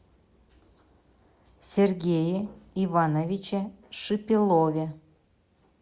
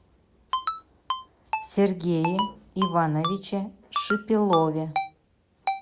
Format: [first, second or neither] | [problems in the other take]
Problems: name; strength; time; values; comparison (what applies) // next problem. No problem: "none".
first | background sound (Ringtone); 5 dB below the speech